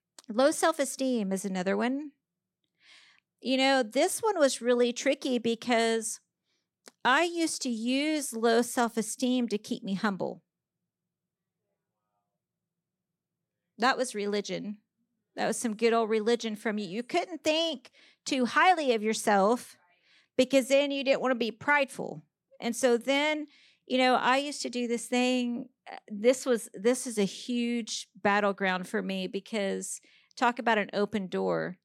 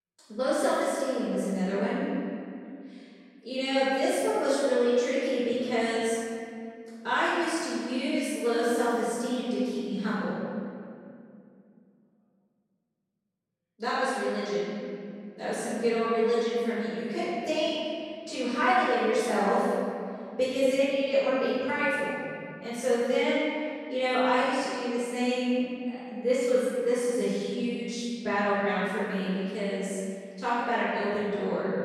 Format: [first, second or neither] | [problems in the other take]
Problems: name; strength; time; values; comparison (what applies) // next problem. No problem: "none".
first | off-mic speech; far // room echo; strong; dies away in 2.3 s